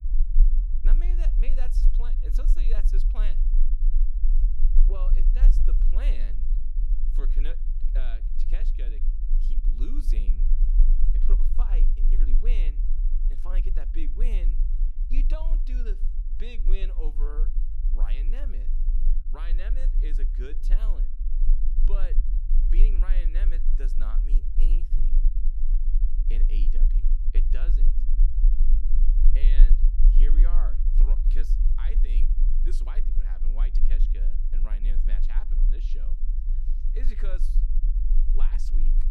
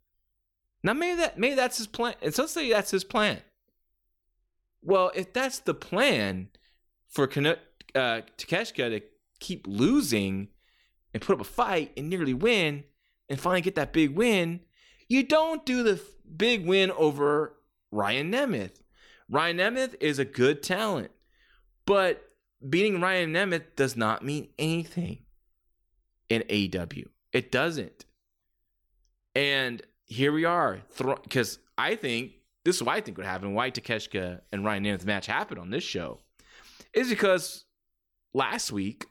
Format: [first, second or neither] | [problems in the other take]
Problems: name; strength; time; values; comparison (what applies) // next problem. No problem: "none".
second | low rumble; loud; throughout; 6 dB below the speech